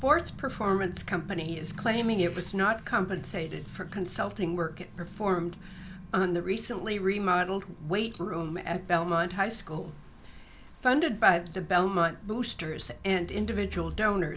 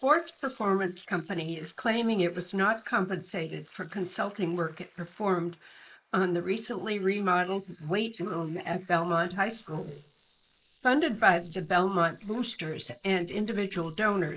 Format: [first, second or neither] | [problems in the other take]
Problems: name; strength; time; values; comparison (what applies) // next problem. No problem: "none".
first | noise reduction (neural mask model Resemble Enhance denoiser)